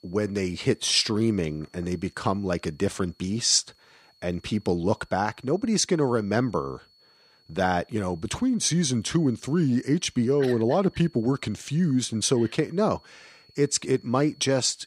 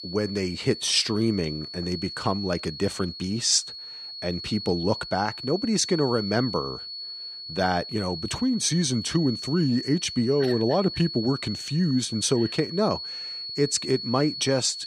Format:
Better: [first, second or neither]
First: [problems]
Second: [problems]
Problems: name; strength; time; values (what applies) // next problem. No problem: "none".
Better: first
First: high-pitched whine; faint; throughout; 4.5 kHz, 30 dB below the speech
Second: high-pitched whine; loud; throughout; 4.5 kHz, 8 dB below the speech